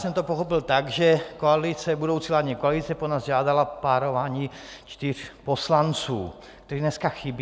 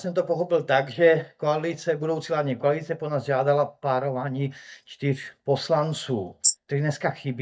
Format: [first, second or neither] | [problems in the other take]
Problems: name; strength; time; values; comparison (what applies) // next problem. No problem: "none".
first | noise reduction (neural mask model DeepFilterNet 3)